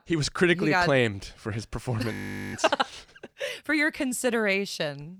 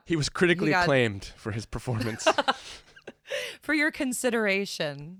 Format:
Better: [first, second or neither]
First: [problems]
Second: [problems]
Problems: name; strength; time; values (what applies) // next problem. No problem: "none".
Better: second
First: audio freezing; at 2 s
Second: none